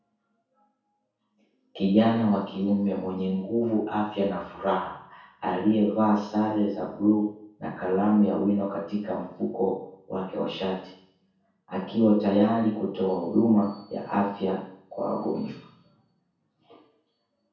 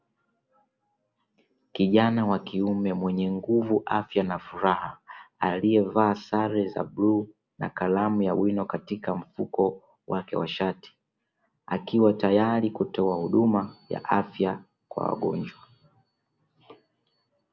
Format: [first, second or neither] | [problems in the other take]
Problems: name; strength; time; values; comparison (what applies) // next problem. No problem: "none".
second | room echo; dies away in 0.6 s